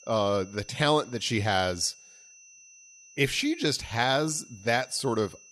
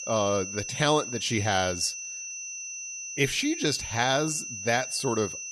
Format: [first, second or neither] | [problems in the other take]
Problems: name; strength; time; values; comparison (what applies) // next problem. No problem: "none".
first | high-pitched whine; loud; throughout; 6 kHz, 7 dB below the speech; faint in the first